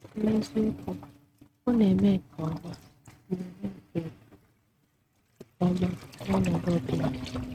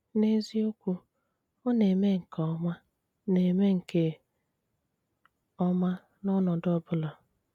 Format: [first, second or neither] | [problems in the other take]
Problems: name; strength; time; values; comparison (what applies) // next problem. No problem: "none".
second | noise reduction (neural mask model RNNoise)